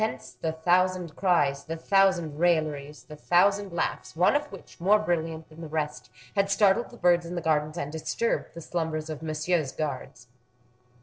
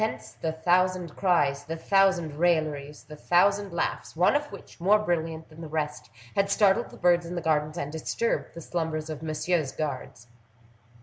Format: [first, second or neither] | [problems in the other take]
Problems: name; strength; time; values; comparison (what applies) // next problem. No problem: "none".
second | noise reduction (neural separator model SepFormer DNS4)